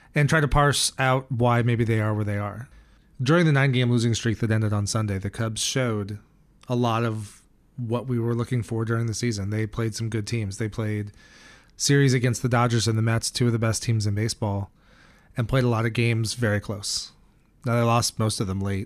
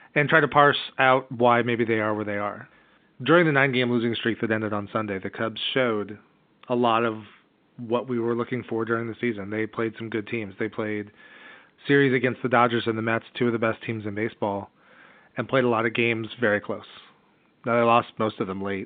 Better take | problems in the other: first | phone-call audio; nothing above 3.5 kHz

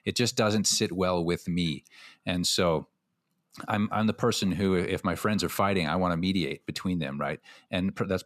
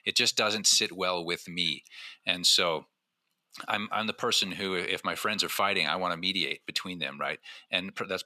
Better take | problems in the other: first | thin; somewhat; fading below 750 Hz

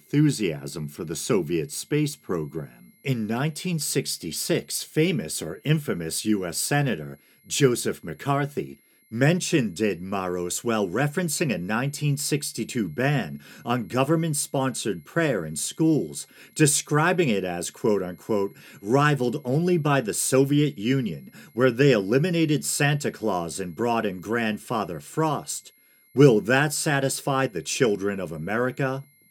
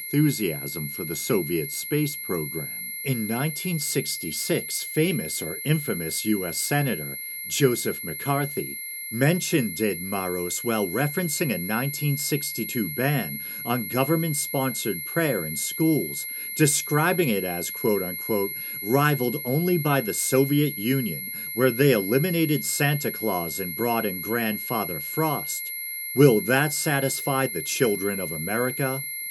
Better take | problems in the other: first | high-pitched whine; loud; throughout; 11.5 kHz, 5 dB below the speech; faint in the first

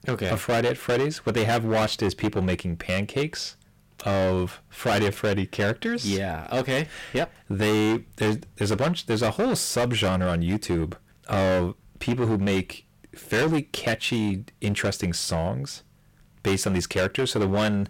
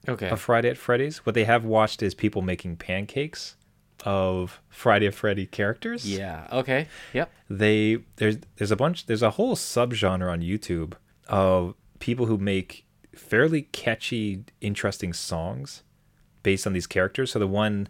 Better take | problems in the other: second | distortion; heavy; 15% of the sound clipped

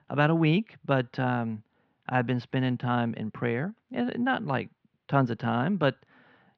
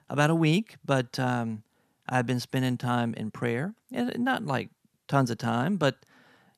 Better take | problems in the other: second | muffled; slightly; fading above 3.5 kHz

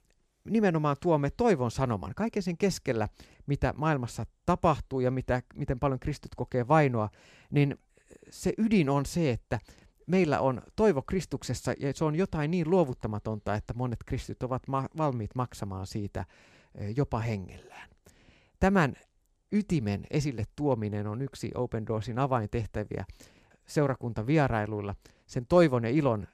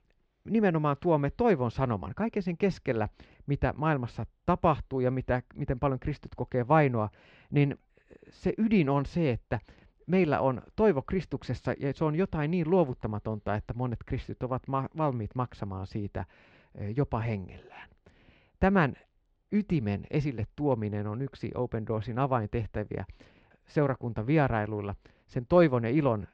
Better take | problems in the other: first | muffled; slightly; fading above 3.5 kHz

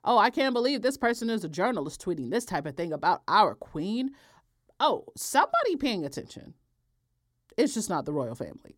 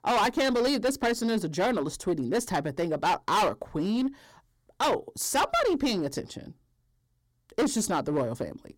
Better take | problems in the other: first | distortion; heavy; 12% of the sound clipped

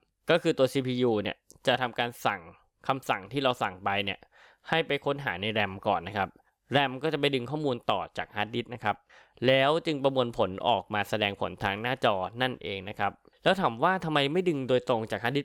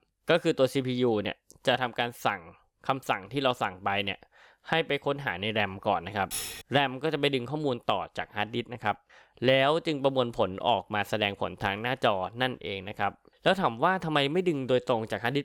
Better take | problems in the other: first | clattering dishes; noticeable; at 6.5 s; peak 5 dB below the speech

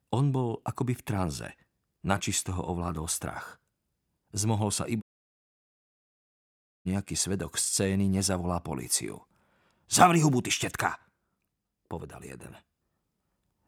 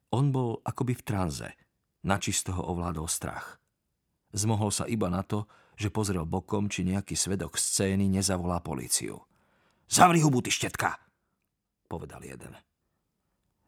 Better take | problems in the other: second | audio cutting out; at 5 s for 2 s

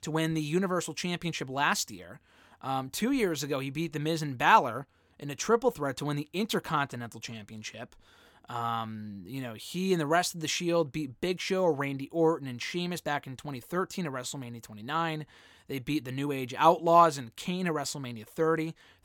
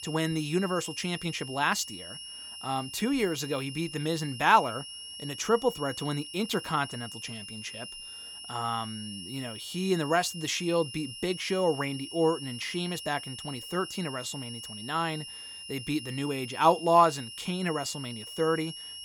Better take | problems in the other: first | high-pitched whine; noticeable; throughout; 3 kHz, 10 dB below the speech

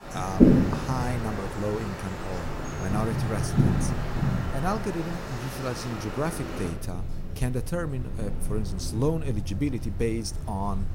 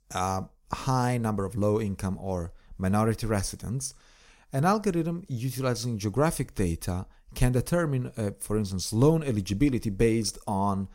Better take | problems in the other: second | wind in the background; very loud; throughout; 2 dB above the speech

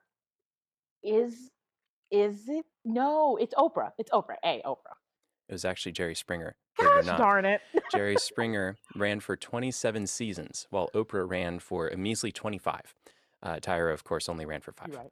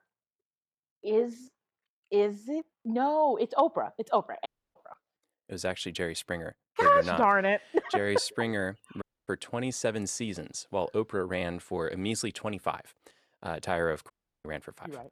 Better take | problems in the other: first | audio cutting out; at 4.5 s, at 9 s and at 14 s

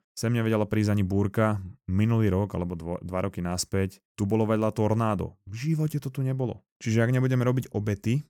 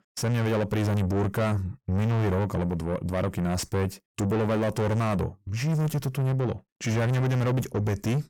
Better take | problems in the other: first | distortion; heavy; 7 dB below the speech

